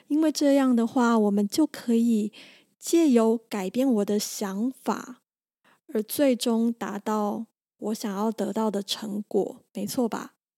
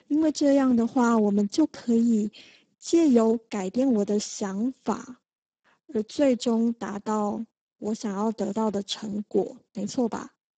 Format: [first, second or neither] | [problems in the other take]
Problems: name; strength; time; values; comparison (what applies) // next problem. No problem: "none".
first | garbled, watery; badly; nothing above 7.5 kHz